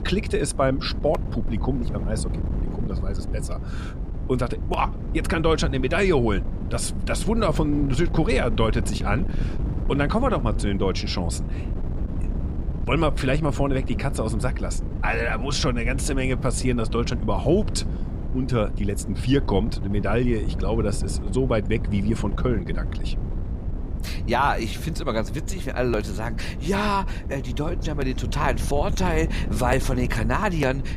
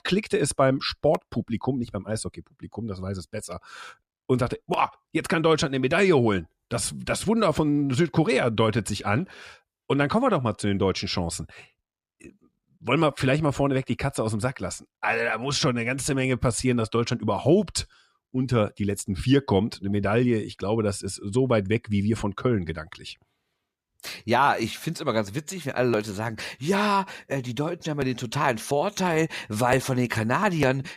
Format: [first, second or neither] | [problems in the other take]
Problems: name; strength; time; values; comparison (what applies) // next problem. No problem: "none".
second | wind noise on the microphone; occasional gusts; 15 dB below the speech